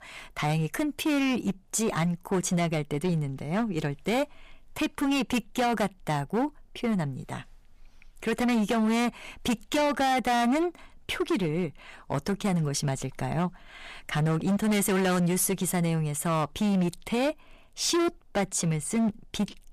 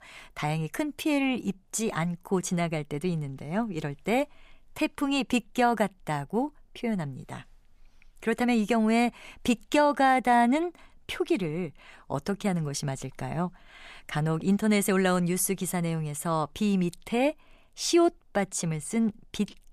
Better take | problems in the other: second | distortion; heavy; 14% of the sound clipped

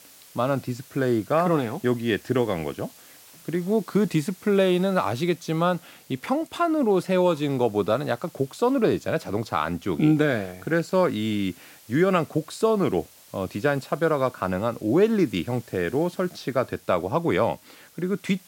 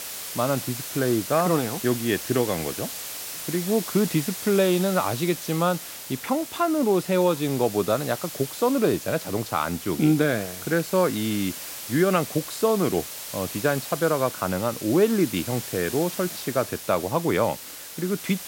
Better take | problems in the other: first | hiss; loud; throughout; 9 dB below the speech; faint in the first

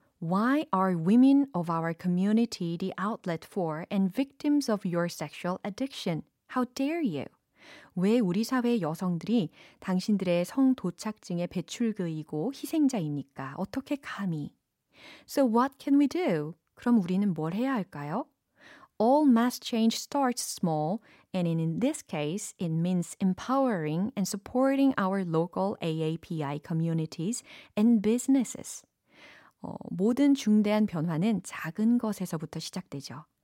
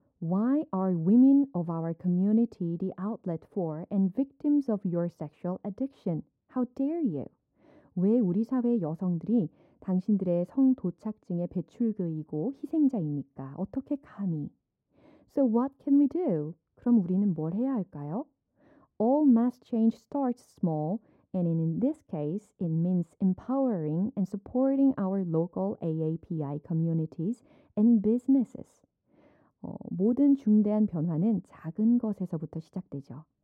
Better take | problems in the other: first | muffled; very; fading above 1 kHz

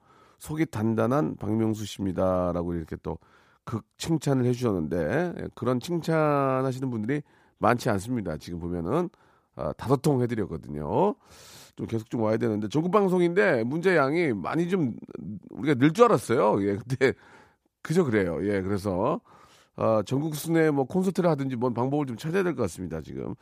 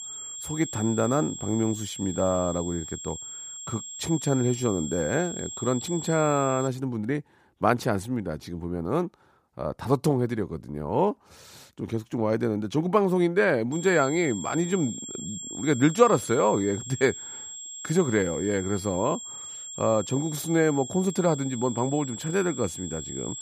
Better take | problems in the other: first | high-pitched whine; loud; until 6.5 s and from 14 s on; 7.5 kHz, 9 dB below the speech

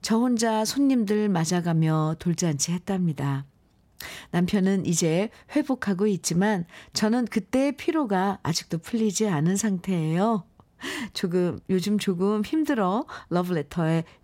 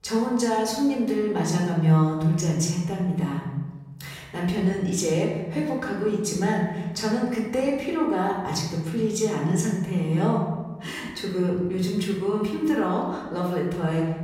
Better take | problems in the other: first | room echo; noticeable; dies away in 1.1 s // off-mic speech; far

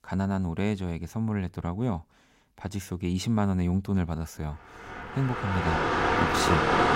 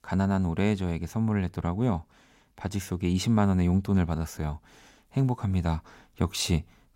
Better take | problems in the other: second | traffic noise; very loud; from 5 s on; 4 dB above the speech

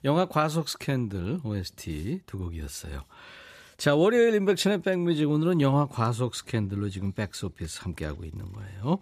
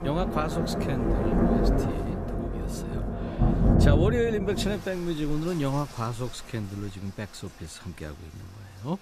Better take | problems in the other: first | rain or running water; very loud; throughout; 5 dB above the speech

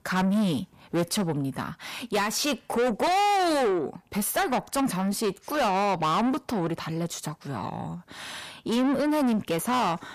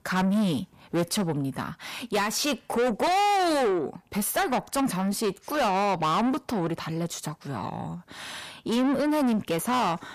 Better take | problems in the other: neither | distortion; heavy; 6 dB below the speech; the same in both

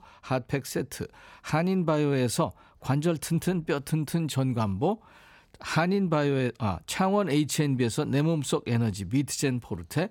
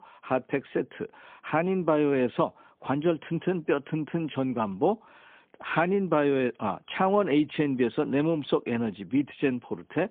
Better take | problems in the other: first | phone-call audio; poor line; nothing above 3.5 kHz

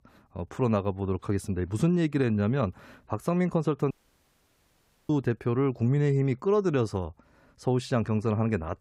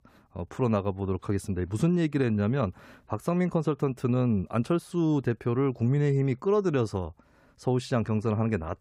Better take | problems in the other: second | audio cutting out; at 4 s for 1 s

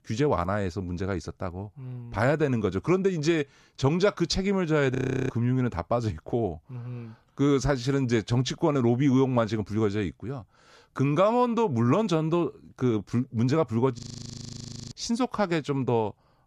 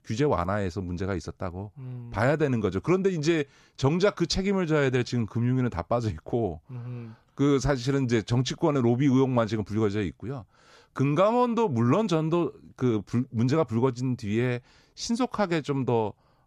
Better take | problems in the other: second | audio freezing; at 5 s and at 14 s for 1 s

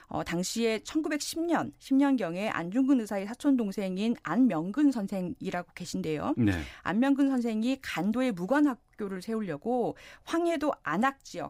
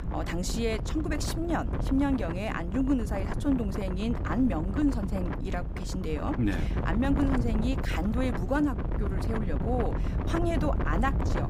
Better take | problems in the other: first | wind noise on the microphone; heavy; 6 dB below the speech

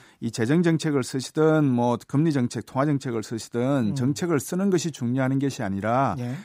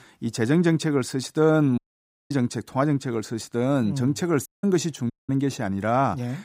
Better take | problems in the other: first | audio cutting out; at 2 s for 0.5 s, at 4.5 s and at 5 s

